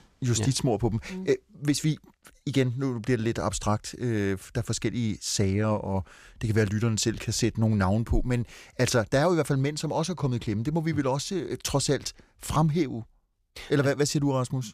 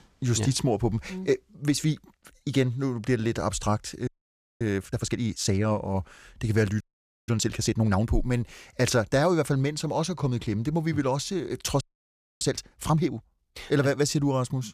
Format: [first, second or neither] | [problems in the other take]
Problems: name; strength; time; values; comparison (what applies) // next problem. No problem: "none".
first | audio freezing; at 4 s for 0.5 s, at 7 s and at 12 s for 0.5 s